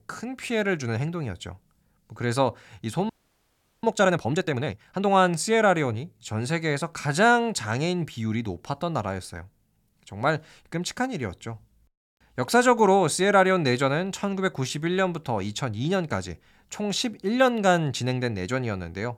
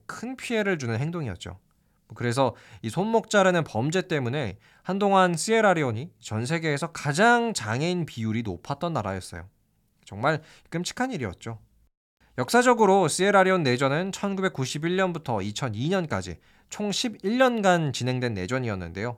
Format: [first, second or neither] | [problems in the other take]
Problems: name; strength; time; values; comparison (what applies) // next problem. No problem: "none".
second | audio freezing; at 3 s for 0.5 s